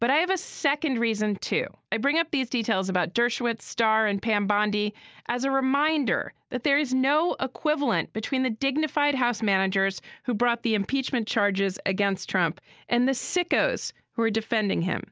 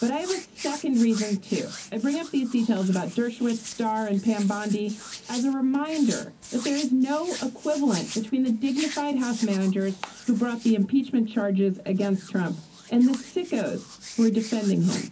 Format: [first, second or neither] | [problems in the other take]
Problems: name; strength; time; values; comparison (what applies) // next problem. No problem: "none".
first | background sound (Hands); 16 dB below the speech // room echo; dies away in 0.4 s